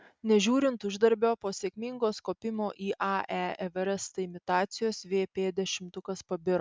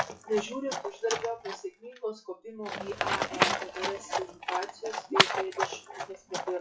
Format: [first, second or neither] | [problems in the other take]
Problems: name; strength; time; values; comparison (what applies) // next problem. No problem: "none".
first | noise reduction (classical method WPE with log-MMSE)